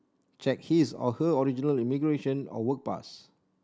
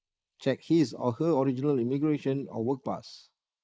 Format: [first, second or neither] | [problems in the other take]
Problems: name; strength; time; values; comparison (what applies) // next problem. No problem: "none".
first | noise reduction (neural mask model Resemble Enhance denoiser)